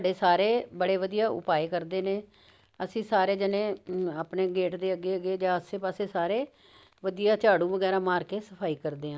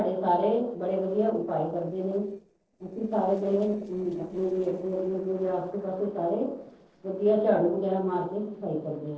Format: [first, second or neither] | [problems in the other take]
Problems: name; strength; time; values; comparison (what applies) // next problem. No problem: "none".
first | noise reduction (neural separator model SepFormer DNS4)